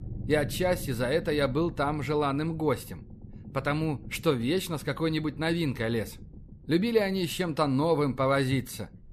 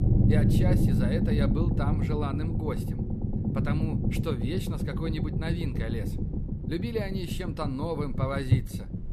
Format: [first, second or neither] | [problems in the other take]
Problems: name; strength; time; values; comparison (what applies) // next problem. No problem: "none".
first | low rumble; loud; throughout; 2 dB below the speech; faint in the first